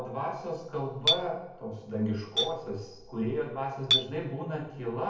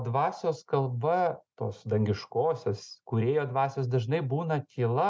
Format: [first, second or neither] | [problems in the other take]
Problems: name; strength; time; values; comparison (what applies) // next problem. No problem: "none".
second | background sound (Chink, clink); 1 dB below the speech // room echo; dies away in 0.9 s